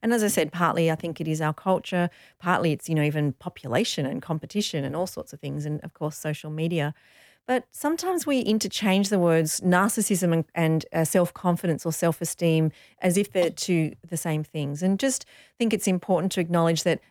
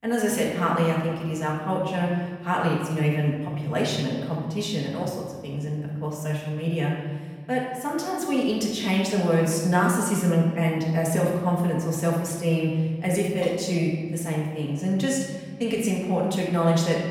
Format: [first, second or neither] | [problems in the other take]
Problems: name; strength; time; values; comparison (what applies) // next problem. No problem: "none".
first | off-mic speech; far // room echo; noticeable; dies away in 1.5 s